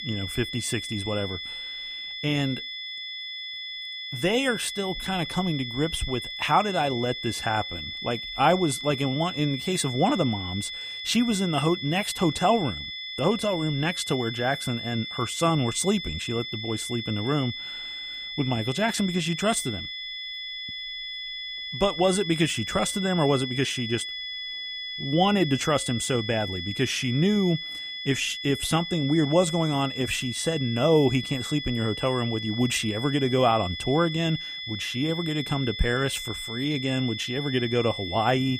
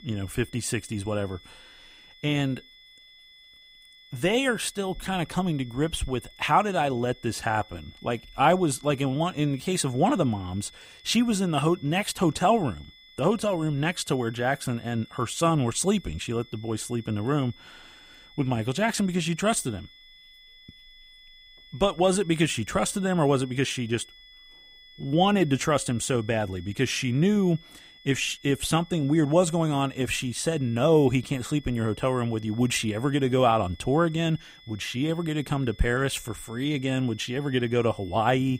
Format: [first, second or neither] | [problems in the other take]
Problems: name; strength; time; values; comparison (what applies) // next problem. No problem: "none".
second | high-pitched whine; loud; throughout; 3.5 kHz, 6 dB below the speech; faint in the second